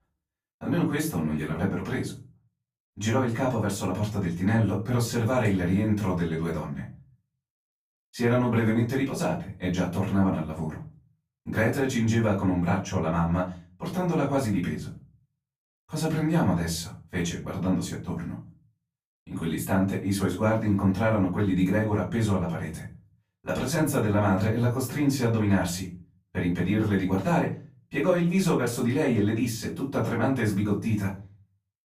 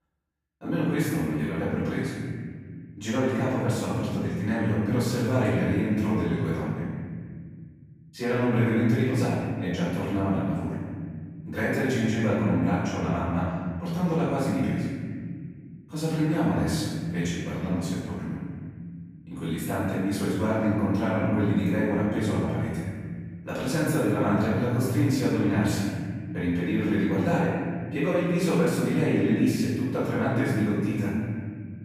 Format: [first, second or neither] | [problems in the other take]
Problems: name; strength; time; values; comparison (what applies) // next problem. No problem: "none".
first | room echo; strong; dies away in 2.1 s; slight in the first // off-mic speech; far; far in the first